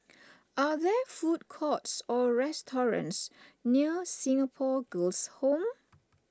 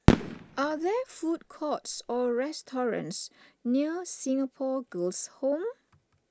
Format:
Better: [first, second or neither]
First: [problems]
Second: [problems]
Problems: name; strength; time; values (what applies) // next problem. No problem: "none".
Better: first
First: none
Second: background sound (Fireworks); 2 dB above the speech